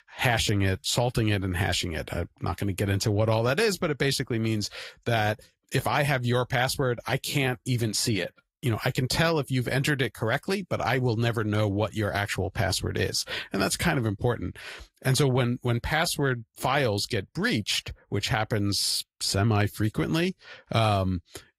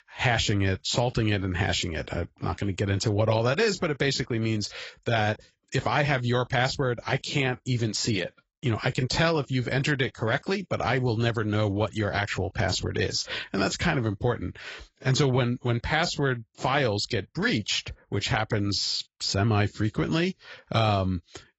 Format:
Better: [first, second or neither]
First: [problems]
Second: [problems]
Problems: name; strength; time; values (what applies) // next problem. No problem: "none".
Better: first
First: garbled, watery; slightly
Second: garbled, watery; badly; nothing above 7.5 kHz